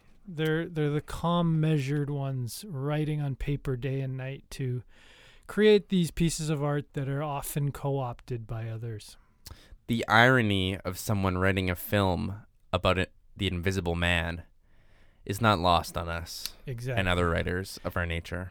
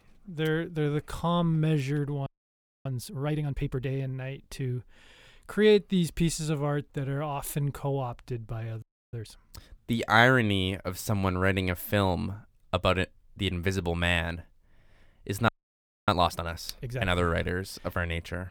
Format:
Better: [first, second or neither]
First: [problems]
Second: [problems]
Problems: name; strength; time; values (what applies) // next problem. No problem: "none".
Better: first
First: none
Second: audio freezing; at 2.5 s for 0.5 s, at 9 s and at 15 s for 0.5 s